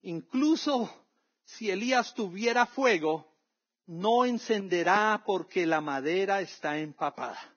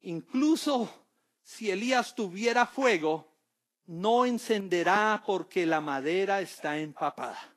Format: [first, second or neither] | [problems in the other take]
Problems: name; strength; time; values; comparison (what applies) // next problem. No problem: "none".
second | garbled, watery; badly; nothing above 6.5 kHz; slightly in the second